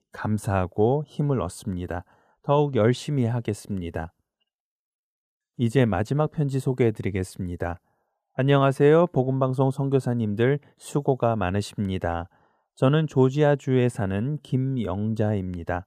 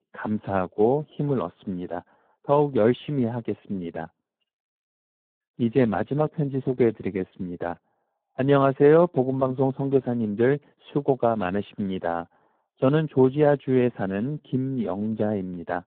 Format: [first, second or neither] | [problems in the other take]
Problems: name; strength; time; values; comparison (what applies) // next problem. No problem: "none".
first | phone-call audio; poor line